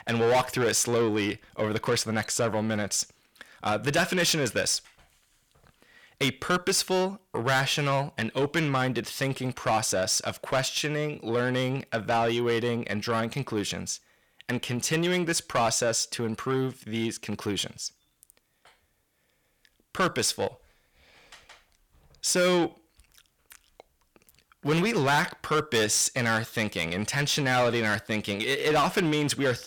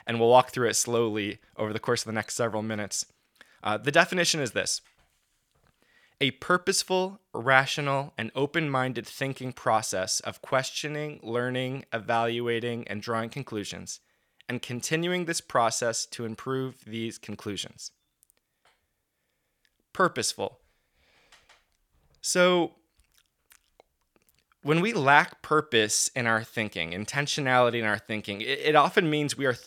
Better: second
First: distortion; heavy; 6 dB below the speech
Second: none

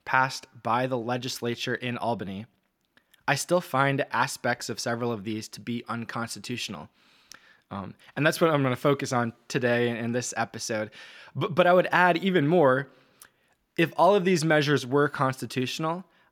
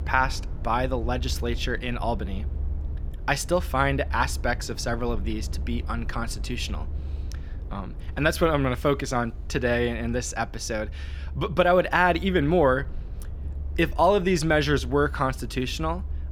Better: first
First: none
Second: low rumble; faint; throughout; 25 dB below the speech

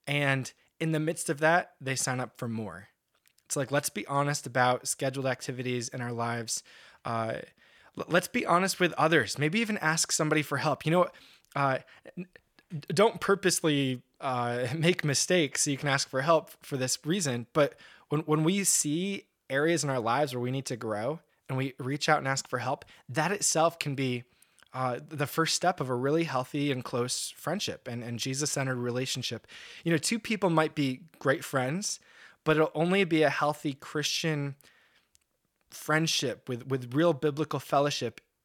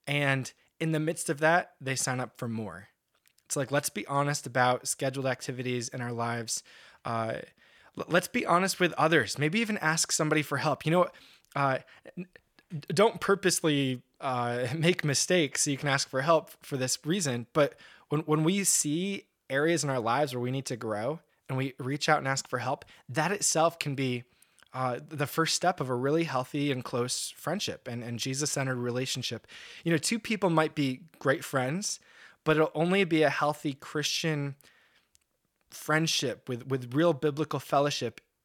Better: neither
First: none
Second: none

